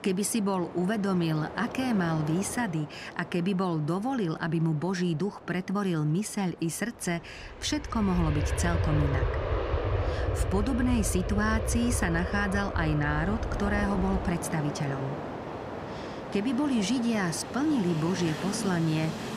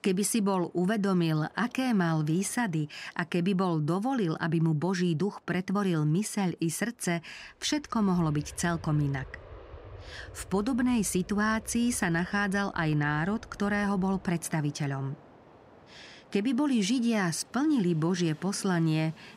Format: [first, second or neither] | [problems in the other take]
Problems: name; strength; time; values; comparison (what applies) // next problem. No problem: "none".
second | train or aircraft noise; loud; throughout; 5 dB below the speech; faint in the second